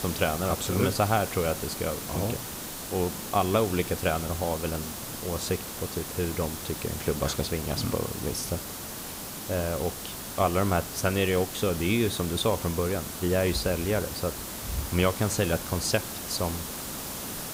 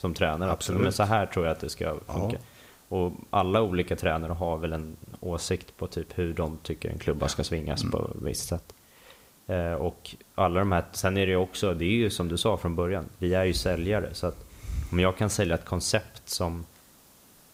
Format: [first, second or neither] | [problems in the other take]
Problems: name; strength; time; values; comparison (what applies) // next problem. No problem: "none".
second | hiss; loud; throughout; 6 dB below the speech; faint in the second